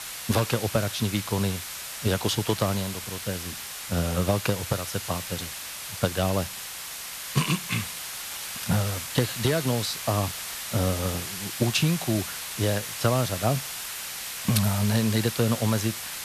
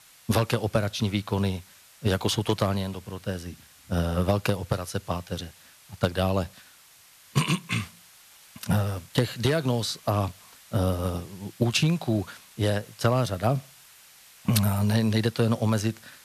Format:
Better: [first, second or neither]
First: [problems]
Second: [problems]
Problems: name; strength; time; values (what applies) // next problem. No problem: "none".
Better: second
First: hiss; loud; throughout; 6 dB below the speech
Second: hiss; faint; throughout; 25 dB below the speech